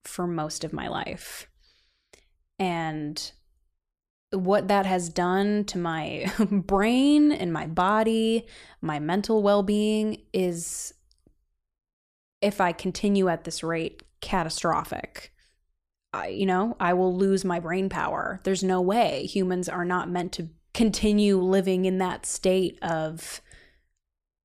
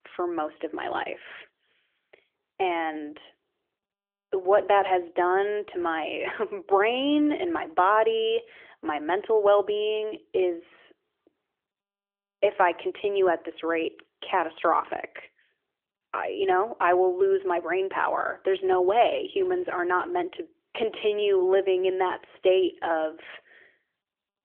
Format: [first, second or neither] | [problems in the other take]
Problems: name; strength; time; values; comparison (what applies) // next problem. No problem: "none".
first | phone-call audio; nothing above 3.5 kHz